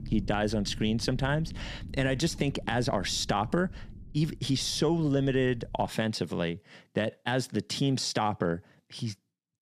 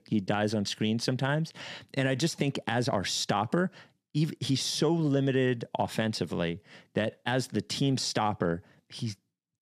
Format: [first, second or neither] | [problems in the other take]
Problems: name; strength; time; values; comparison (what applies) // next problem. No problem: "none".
second | low rumble; faint; until 6 s; 25 dB below the speech